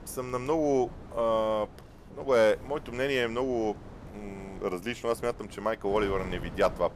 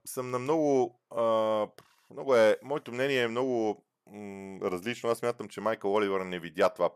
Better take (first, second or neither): second